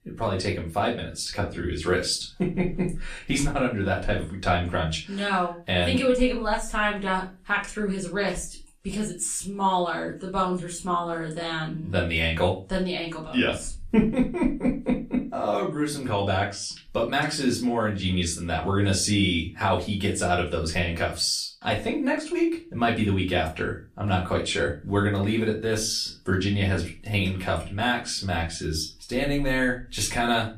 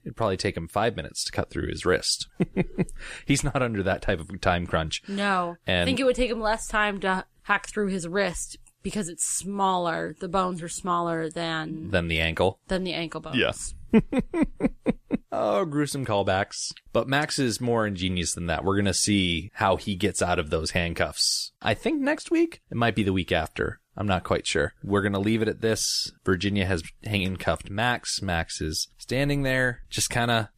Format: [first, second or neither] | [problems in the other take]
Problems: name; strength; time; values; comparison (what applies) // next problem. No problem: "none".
second | off-mic speech; far // room echo; very slight; dies away in 0.3 s